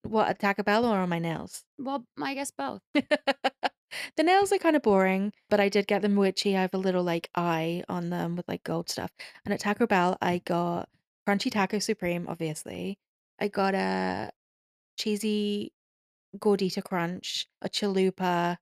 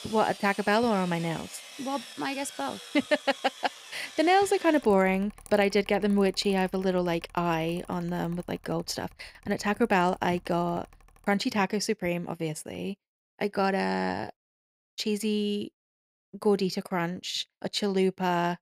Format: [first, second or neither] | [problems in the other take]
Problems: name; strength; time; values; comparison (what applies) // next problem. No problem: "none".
first | machinery noise; noticeable; until 11 s; 15 dB below the speech